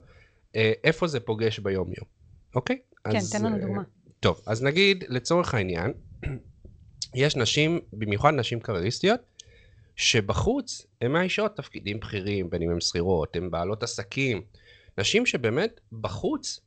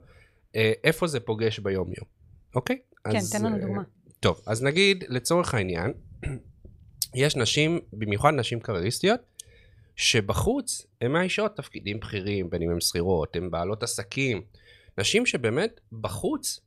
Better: second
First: garbled, watery; slightly; nothing above 8 kHz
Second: none

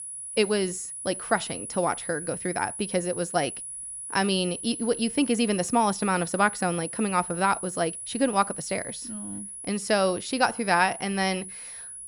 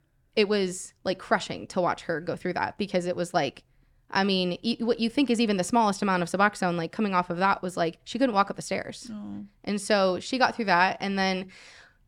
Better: second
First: high-pitched whine; loud; throughout; 10.5 kHz, 8 dB below the speech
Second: none

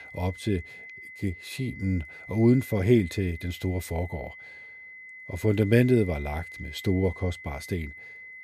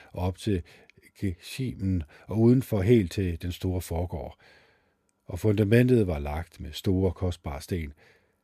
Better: second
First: high-pitched whine; noticeable; throughout; 2 kHz, 15 dB below the speech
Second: none

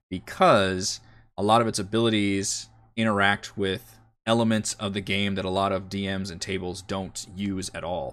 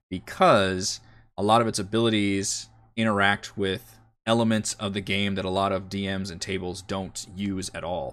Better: neither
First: none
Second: none

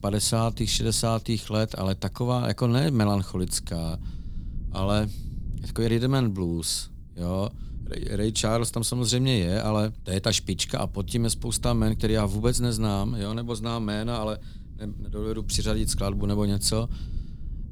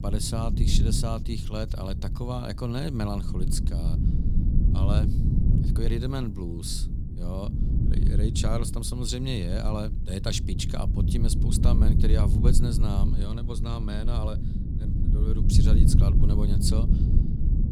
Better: first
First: low rumble; faint; throughout; 25 dB below the speech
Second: low rumble; loud; throughout; 4 dB below the speech

